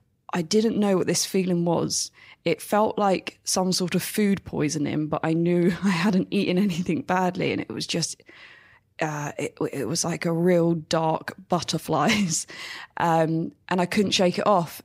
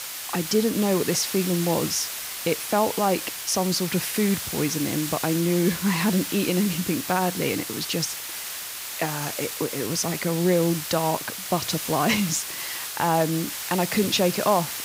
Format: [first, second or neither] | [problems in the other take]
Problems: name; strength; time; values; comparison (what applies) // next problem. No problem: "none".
first | hiss; loud; throughout; 5 dB below the speech